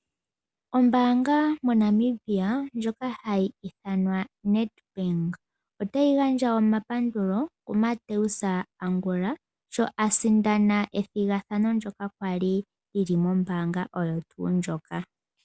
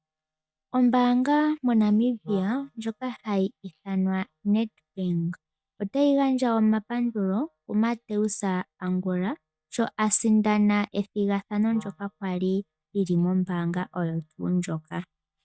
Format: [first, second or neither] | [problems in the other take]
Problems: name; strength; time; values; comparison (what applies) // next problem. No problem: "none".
first | noise reduction (neural mask model DeepFilterNet 3)